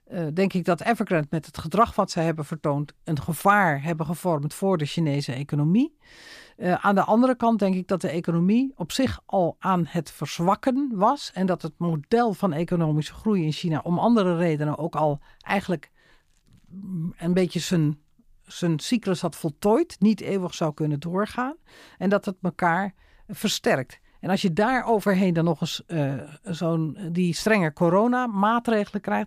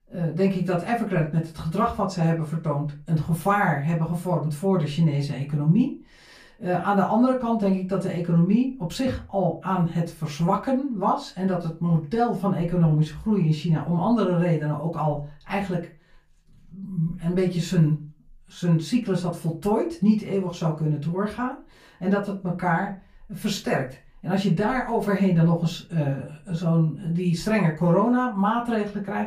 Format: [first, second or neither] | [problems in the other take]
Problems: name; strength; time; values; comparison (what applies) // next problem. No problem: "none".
first | off-mic speech; far // room echo; very slight; dies away in 0.2 s